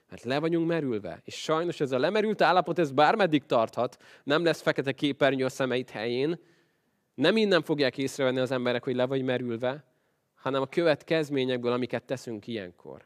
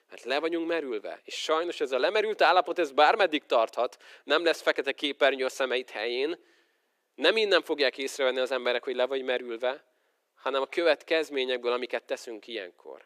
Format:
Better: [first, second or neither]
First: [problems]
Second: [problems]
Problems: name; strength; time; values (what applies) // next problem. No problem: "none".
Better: first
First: none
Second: thin; somewhat; fading below 350 Hz